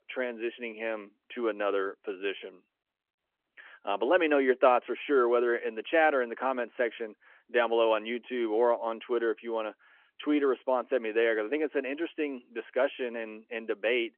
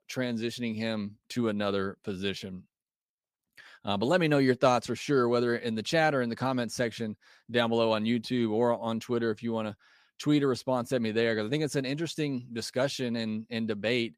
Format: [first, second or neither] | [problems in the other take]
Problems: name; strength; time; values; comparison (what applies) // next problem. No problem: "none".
second | phone-call audio